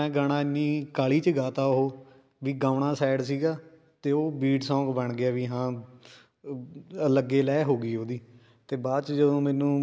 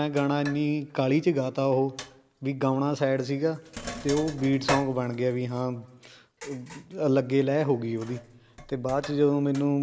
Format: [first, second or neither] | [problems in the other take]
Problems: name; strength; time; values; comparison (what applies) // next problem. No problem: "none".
first | background sound (Sink (filling or washing)); 14 dB below the speech